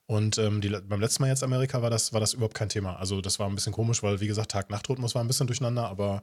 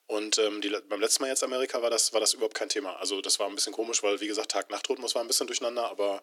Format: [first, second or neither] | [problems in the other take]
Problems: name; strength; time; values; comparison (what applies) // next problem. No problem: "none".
first | thin; very; fading below 300 Hz